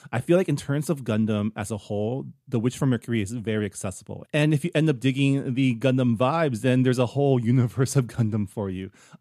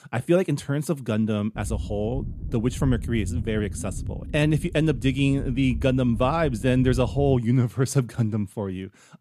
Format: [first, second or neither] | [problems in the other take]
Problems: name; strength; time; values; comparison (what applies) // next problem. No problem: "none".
first | low rumble; noticeable; from 1.5 to 7.5 s; 20 dB below the speech